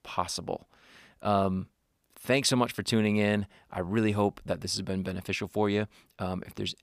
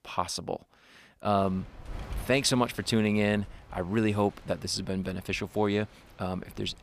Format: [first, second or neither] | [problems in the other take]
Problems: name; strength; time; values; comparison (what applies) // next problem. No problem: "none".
first | wind noise on the microphone; occasional gusts; from 1.5 s on; 20 dB below the speech